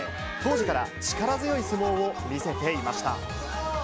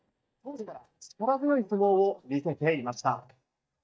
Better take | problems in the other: first | noise reduction (neural mask model DeepFilterNet 3)

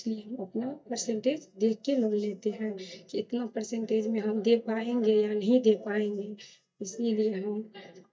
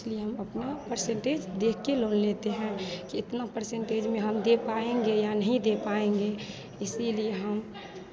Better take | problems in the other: second | noise reduction (neural mask model DeepFilterNet 3)

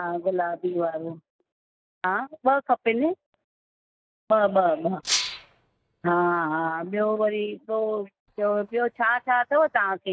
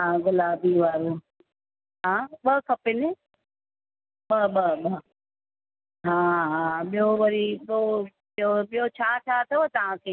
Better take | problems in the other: second | noise reduction (neural mask model DeepFilterNet 3)

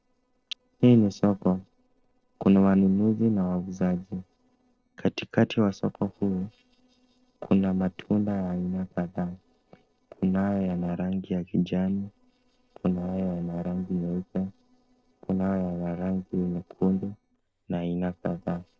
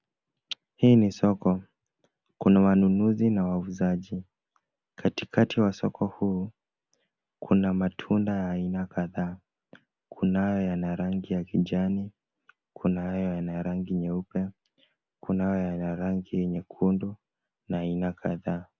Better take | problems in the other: second | noise reduction (neural separator model SepFormer DNS4)

